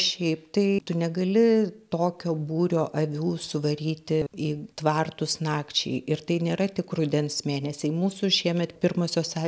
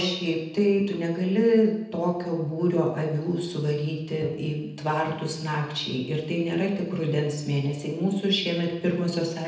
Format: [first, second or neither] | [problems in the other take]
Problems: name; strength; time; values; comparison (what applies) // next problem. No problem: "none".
first | room echo; dies away in 0.9 s